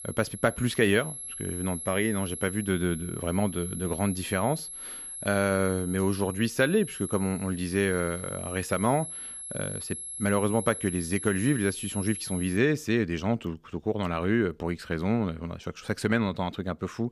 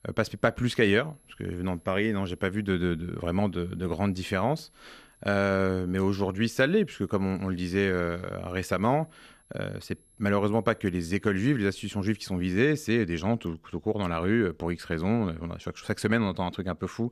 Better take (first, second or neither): second